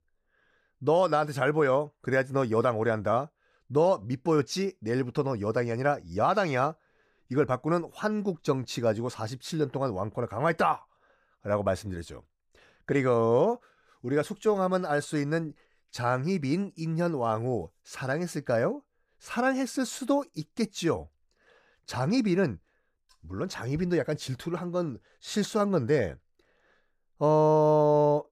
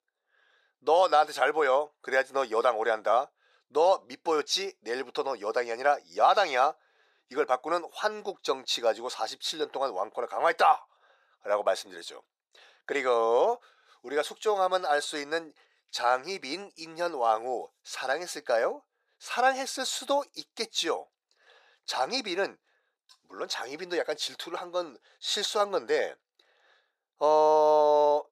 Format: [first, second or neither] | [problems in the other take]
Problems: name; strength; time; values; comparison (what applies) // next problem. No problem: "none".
first | thin; very; fading below 450 Hz